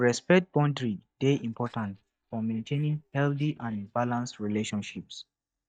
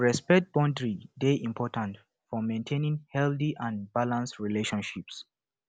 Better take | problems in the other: second | noise reduction (neural mask model DeepFilterNet 3)

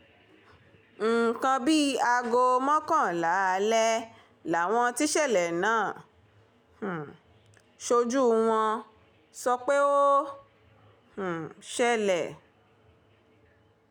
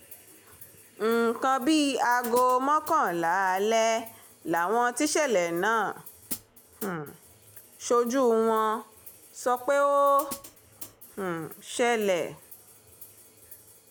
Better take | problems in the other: first | background sound (Hi-hat); 20 dB below the speech

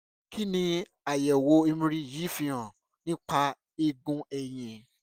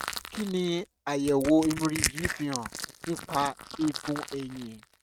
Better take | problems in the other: first | noise reduction (neural mask model RNNoise)

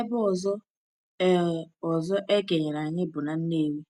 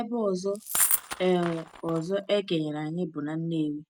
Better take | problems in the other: first | noise reduction (neural mask model RNNoise)

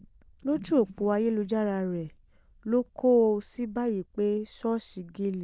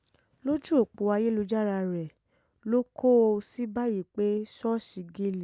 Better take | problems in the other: second | noise reduction (neural diffusion model UNIVERSE++)

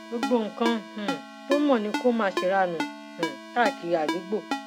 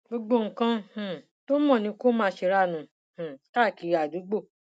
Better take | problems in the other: second | background sound (Ringtone); 6 dB below the speech

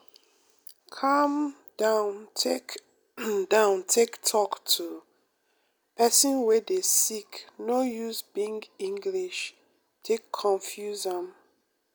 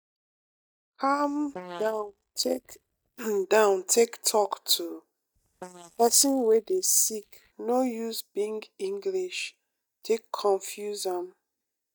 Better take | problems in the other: first | noise reduction (neural mask model DeepFilterNet 3)

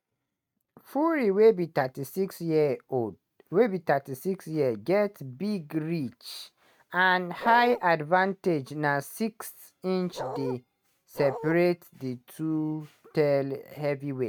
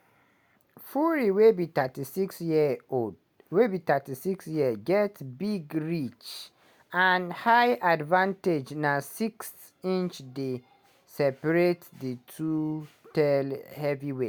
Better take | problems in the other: second | noise reduction (neural mask model RNNoise)

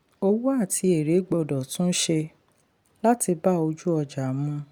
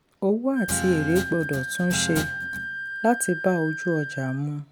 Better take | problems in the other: first | background sound (Guitar + Wind instrument, woodwind instrument); 6 dB below the speech

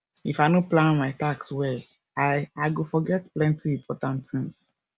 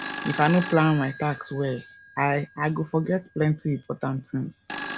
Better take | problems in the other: first | background sound (Telephone); 13 dB below the speech

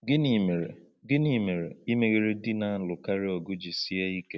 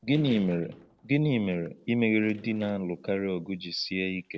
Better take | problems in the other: first | noise reduction (neural separator model SepFormer DNS4)

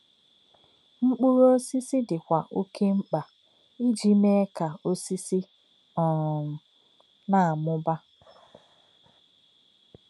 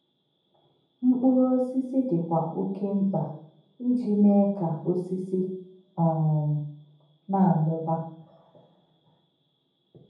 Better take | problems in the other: first | room echo; dies away in 0.7 s

